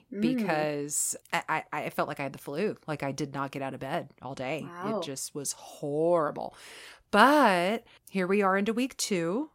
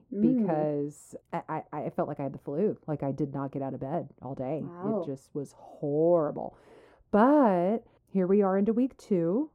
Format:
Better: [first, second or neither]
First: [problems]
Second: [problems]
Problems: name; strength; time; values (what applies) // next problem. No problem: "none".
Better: first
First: none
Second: muffled; very; fading above 1.5 kHz